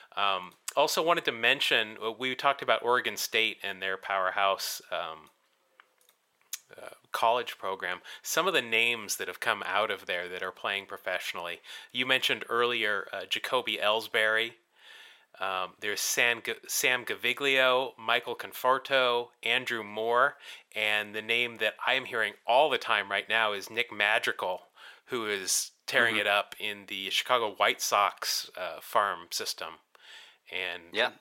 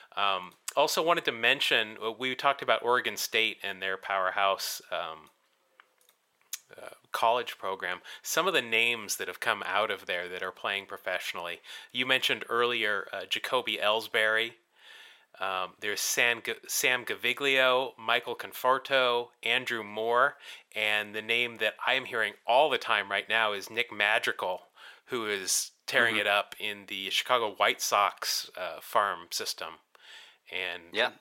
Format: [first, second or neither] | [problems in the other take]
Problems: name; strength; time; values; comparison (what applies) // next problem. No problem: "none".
neither | thin; very; fading below 550 Hz; the same in both